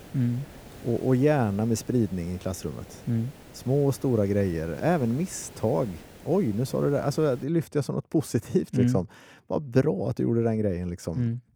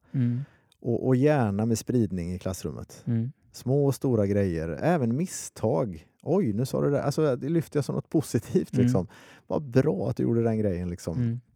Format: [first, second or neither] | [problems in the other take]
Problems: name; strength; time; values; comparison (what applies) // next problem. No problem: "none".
second | hiss; faint; until 7.5 s; 20 dB below the speech